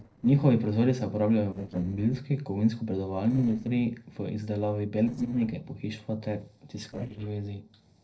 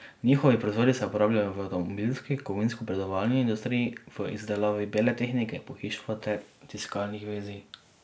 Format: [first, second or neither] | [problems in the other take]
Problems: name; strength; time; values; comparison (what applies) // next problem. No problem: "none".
second | noise reduction (neural separator model SepFormer DNS4)